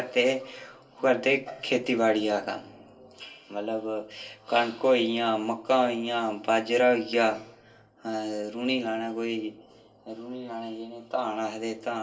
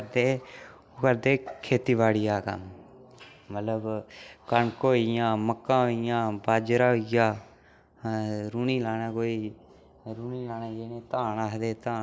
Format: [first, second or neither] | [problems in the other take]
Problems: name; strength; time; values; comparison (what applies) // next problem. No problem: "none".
second | room echo; dies away in 0.2 s